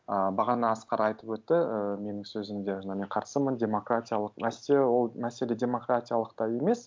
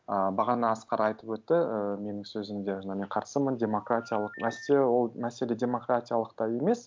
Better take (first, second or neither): first